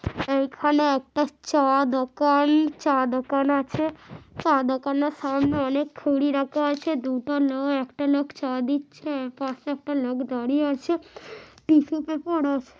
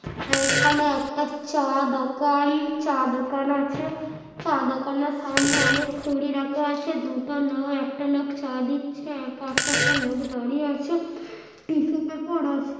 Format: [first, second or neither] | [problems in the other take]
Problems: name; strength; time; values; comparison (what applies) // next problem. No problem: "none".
first | background sound (Fart); 1 dB above the speech // room echo; dies away in 1.2 s